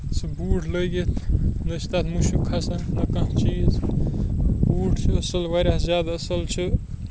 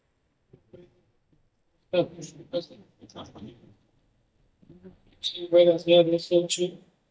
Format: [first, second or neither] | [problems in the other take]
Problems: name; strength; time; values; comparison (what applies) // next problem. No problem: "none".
first | noise reduction (neural mask model DeepFilterNet 3)